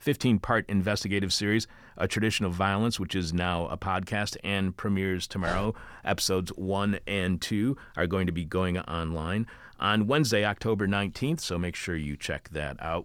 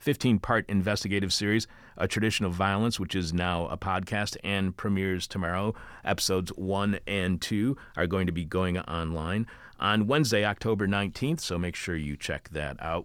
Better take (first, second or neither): second